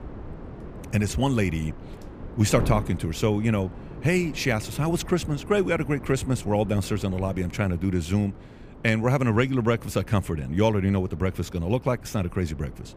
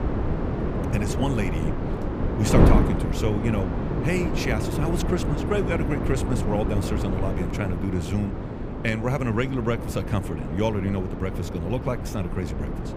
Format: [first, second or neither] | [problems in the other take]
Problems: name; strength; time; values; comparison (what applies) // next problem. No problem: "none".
first | wind noise on the microphone; heavy; 2 dB below the speech; occasional gusts in the first